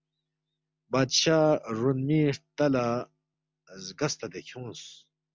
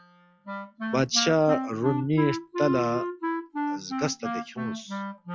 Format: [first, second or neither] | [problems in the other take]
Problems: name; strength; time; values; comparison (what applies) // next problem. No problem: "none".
first | noise reduction (classical method log-MMSE)